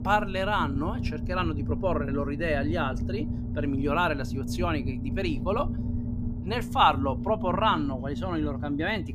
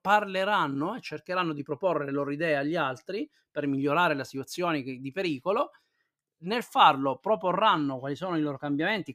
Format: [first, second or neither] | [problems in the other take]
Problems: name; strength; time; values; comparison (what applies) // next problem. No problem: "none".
second | low rumble; noticeable; throughout; 15 dB below the speech